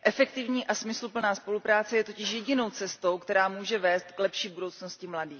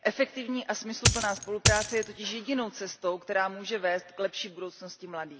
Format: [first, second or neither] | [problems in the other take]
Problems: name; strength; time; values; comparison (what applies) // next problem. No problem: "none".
first | background sound (Coin (dropping)); 5 dB above the speech